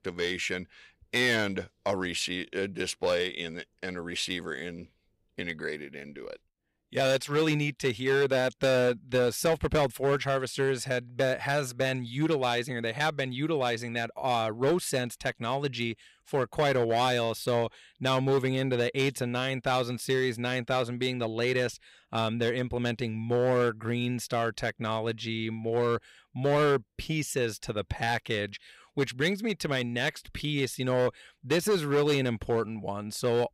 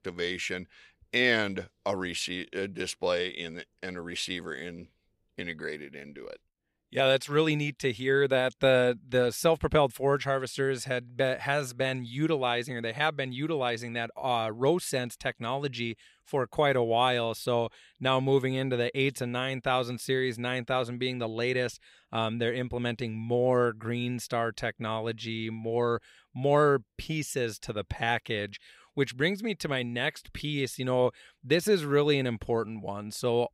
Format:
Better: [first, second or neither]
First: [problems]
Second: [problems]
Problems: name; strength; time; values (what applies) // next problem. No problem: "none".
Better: second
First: distortion; slight; 5% of the sound clipped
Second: none